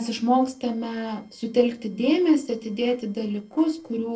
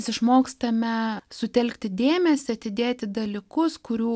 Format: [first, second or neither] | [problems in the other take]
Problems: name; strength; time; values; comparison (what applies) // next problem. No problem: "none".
second | noise reduction (neural separator model SepFormer DNS4)